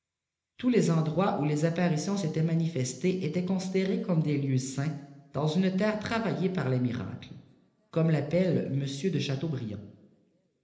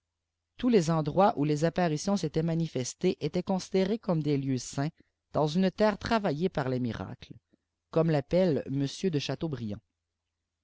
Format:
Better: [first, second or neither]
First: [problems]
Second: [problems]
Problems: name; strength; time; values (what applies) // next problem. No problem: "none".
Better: second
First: room echo; dies away in 1 s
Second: none